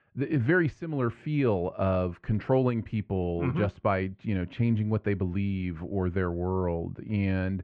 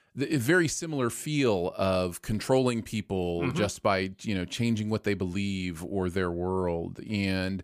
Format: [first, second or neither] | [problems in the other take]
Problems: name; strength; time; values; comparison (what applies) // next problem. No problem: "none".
second | muffled; very; fading above 2 kHz